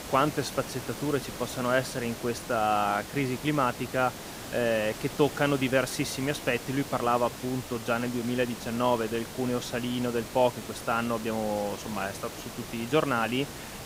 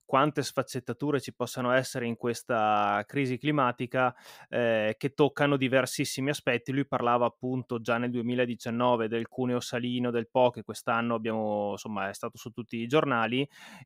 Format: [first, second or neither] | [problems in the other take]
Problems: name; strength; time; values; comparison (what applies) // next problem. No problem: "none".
second | hiss; noticeable; throughout; 10 dB below the speech